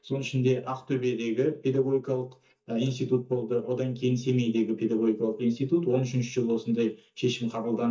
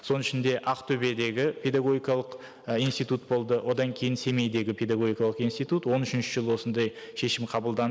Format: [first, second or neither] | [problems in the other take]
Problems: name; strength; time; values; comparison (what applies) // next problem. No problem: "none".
second | noise reduction (neural mask model DeepFilterNet 3)